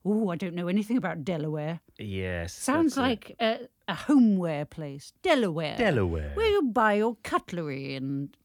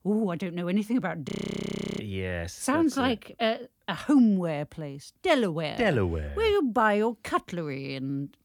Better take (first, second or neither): first